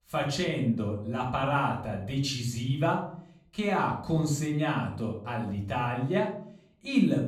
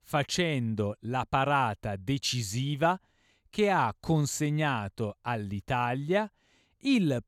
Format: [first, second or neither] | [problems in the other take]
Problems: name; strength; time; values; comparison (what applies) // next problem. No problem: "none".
second | off-mic speech; far // room echo; slight; dies away in 0.5 s